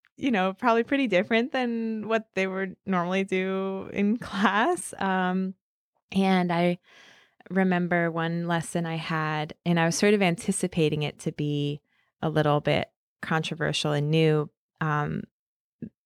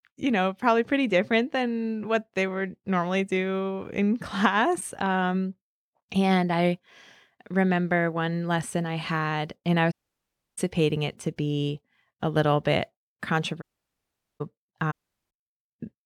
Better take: first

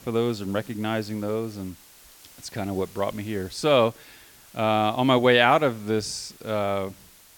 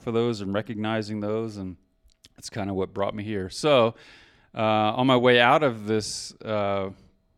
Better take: second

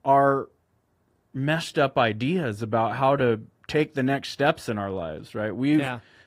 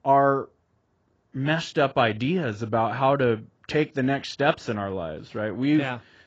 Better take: first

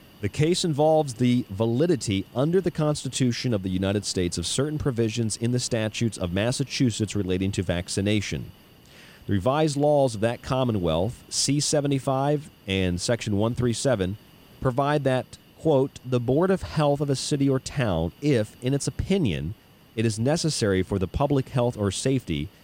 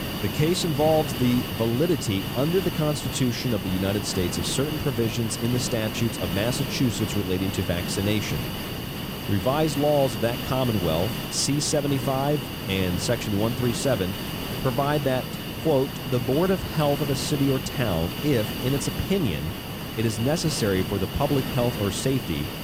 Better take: first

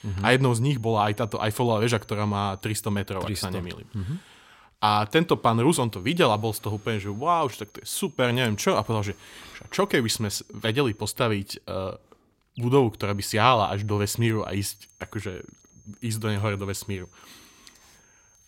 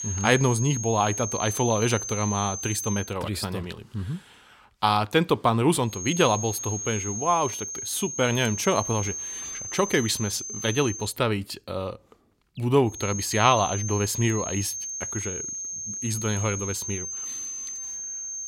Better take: first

